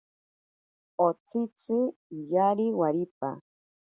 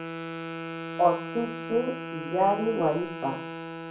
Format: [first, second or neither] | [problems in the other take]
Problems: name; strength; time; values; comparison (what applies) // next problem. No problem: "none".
first | background sound (Wind instrument, woodwind instrument); 7 dB below the speech // room echo; dies away in 0.4 s